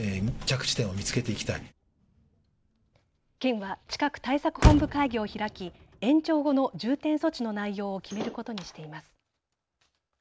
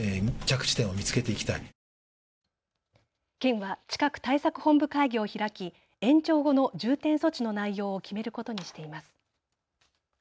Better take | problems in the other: second | background sound (Slam / Wood + Motor vehicle (road)); 5 dB below the speech

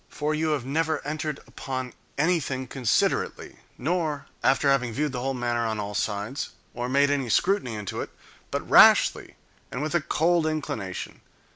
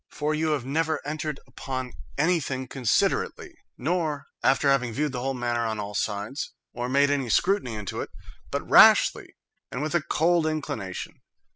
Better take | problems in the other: first | noise reduction (classical method spectral subtraction)

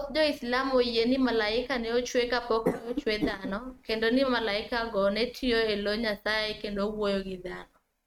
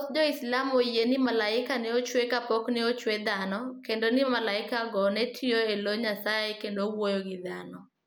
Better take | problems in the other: second | noise reduction (neural mask model RNNoise)

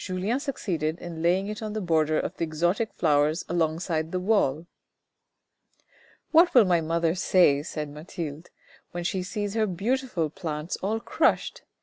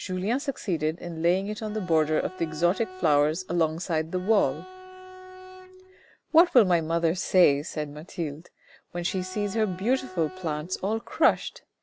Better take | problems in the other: first | background sound (Bowed string instrument); 17 dB below the speech

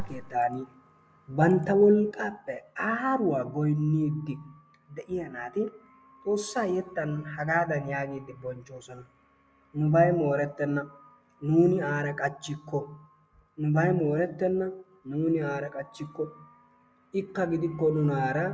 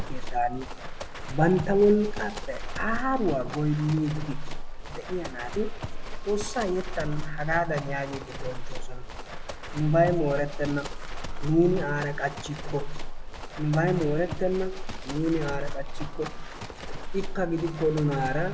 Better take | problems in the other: first | background sound (Livestock, farm animals, working animals); 3 dB below the speech

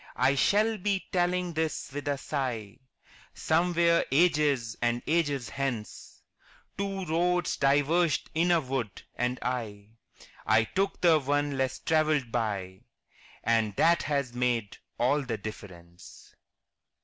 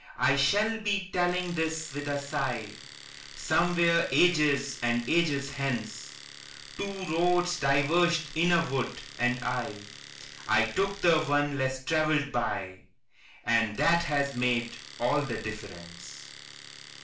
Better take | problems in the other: first | background sound (Domestic sounds, home sounds); 17 dB below the speech // room echo; dies away in 0.4 s

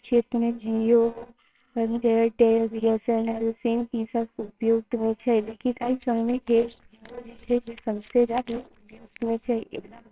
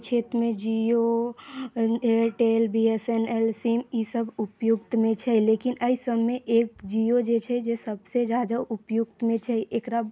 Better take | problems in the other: second | noise reduction (neural separator model SepFormer WHAMR!)

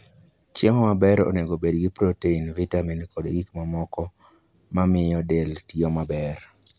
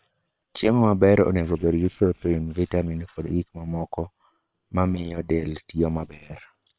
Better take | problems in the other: first | noise reduction (neural separator model SepFormer WHAM!)

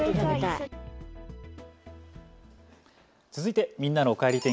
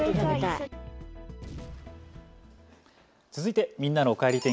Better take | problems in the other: first | background sound (Boom); 18 dB below the speech

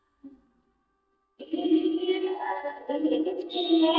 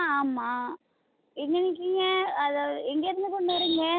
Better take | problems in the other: second | noise reduction (neural mask model DeepFilterNet 3)

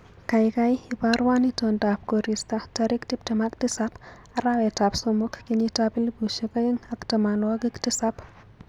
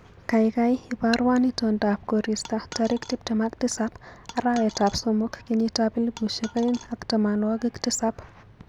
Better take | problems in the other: first | background sound (Coin (dropping)); 19 dB below the speech

